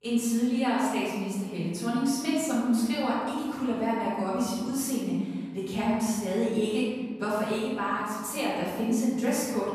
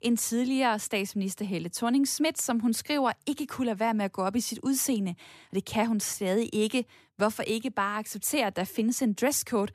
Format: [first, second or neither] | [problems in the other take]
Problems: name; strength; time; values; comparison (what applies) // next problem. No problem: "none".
second | room echo; strong; dies away in 1.6 s // off-mic speech; far